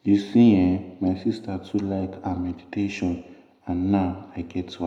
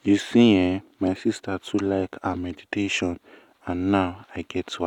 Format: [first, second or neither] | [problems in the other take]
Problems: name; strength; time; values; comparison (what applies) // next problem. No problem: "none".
second | room echo; dies away in 0.7 s